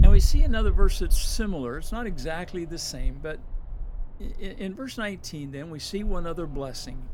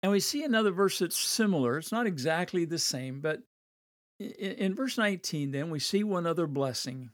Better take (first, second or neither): second